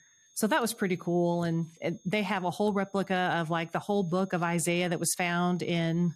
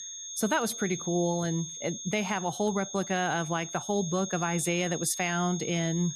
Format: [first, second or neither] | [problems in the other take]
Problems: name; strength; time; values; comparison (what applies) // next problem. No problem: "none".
first | high-pitched whine; loud; throughout; 6.5 kHz, 7 dB below the speech; faint in the first